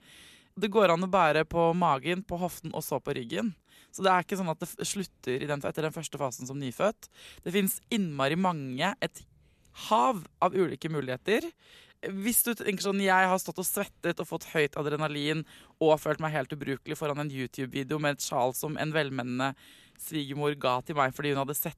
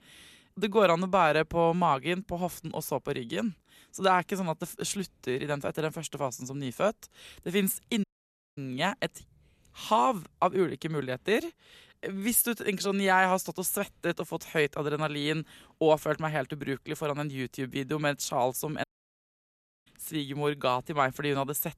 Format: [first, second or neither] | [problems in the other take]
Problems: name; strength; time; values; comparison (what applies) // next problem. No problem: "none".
first | audio cutting out; at 8 s for 0.5 s and at 19 s for 1 s